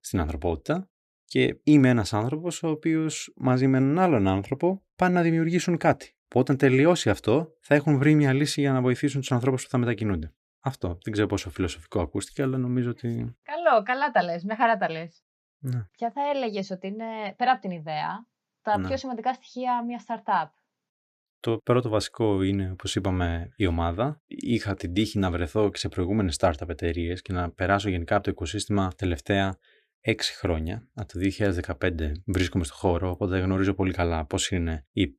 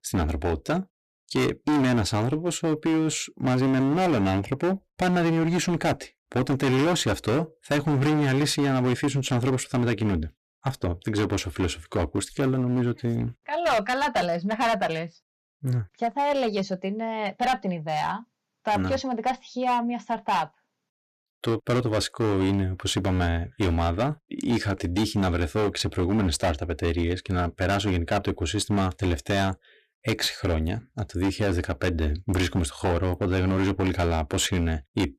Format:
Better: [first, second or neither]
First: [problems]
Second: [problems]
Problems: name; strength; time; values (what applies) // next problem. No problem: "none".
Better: first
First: none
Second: distortion; heavy; 16% of the sound clipped